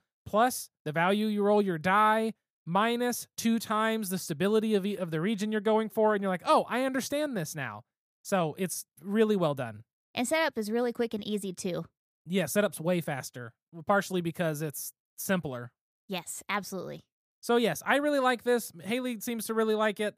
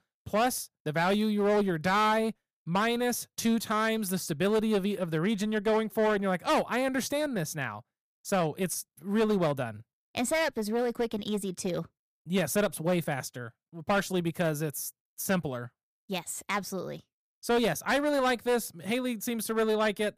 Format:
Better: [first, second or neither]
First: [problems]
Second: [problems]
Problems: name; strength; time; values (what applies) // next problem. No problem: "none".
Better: first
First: none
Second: distortion; slight; 10% of the sound clipped